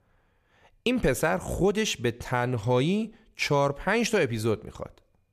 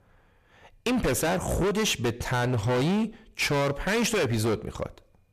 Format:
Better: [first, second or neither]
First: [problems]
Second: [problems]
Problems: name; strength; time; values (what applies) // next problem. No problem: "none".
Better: first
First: none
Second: distortion; heavy; 22% of the sound clipped